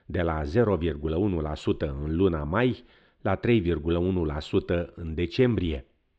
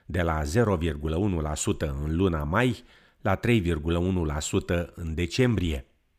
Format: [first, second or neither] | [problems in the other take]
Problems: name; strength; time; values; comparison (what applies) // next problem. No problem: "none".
second | muffled; slightly; fading above 4 kHz